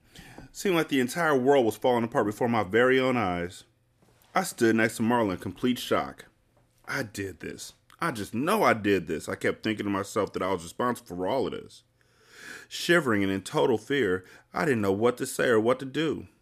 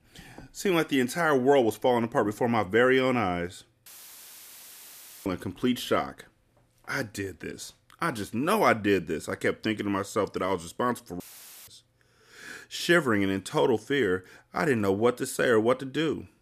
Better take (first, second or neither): first